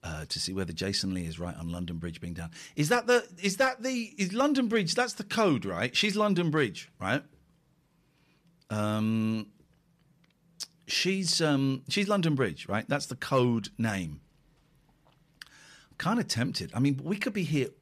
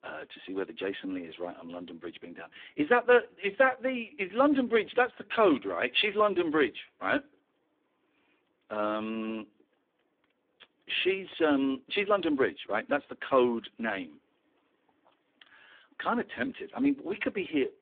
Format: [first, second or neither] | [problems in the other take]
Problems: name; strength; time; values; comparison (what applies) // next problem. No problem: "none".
first | phone-call audio; poor line; nothing above 3.5 kHz